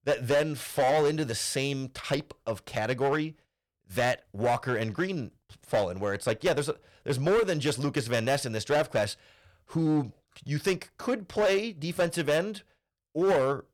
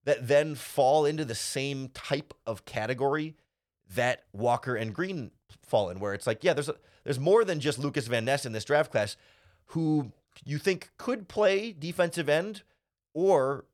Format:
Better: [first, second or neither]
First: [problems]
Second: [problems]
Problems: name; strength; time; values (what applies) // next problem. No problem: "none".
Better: second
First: distortion; slight; 7% of the sound clipped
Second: none